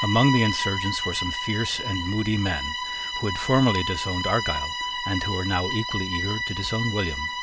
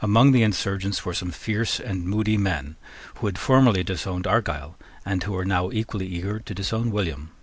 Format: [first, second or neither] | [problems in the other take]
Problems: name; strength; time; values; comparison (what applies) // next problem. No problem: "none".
second | background sound (Bowed string instrument); 3 dB below the speech